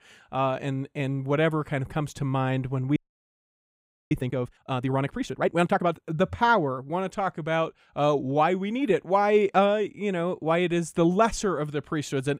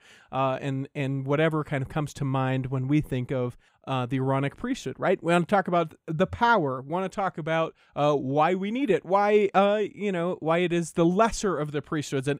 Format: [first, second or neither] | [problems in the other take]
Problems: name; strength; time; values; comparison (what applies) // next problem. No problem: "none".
second | audio freezing; at 3 s for 1 s